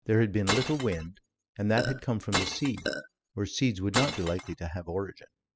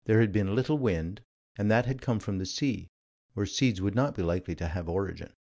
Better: second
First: noise reduction (classical method spectral subtraction)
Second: none

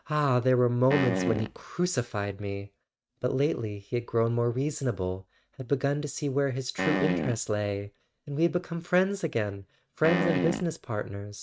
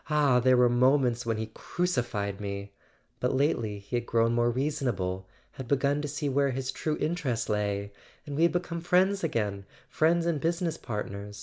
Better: second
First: noise reduction (neural mask model RNNoise)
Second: none

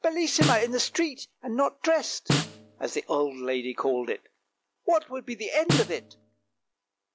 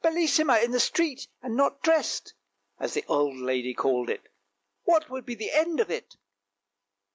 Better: second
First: background sound (Snare drum); 2 dB below the speech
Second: none

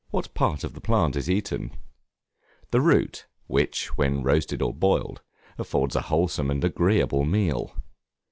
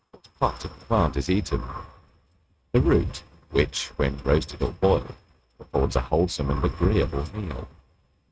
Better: first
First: none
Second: noise reduction (neural mask model RNNoise)

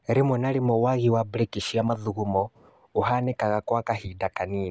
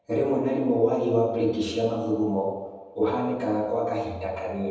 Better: first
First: none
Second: room echo; dies away in 1.1 s

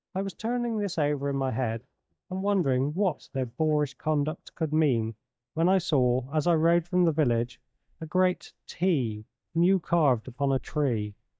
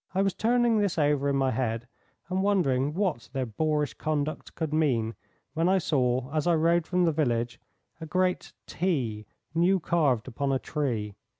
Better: second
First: noise reduction (neural mask model DeepFilterNet 3)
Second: none

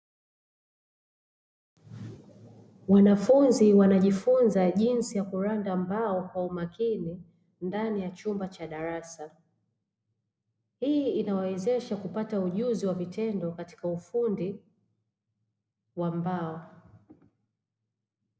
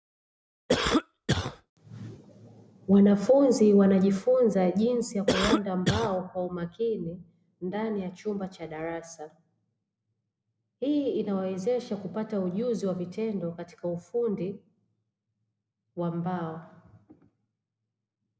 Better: first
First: none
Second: background sound (Cough); 1 dB above the speech

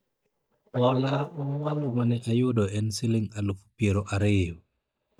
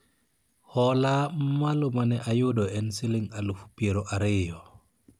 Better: second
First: noise reduction (neural mask model DeepFilterNet 3)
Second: none

